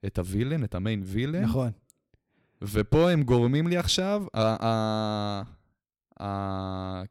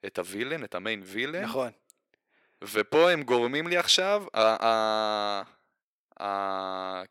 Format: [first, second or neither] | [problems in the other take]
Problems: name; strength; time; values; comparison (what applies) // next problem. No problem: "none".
first | thin; very; fading below 500 Hz